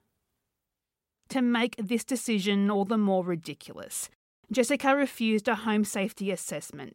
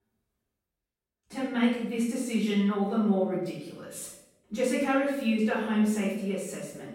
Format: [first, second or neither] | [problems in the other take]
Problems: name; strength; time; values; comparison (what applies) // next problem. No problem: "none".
first | off-mic speech; far // room echo; noticeable; dies away in 0.8 s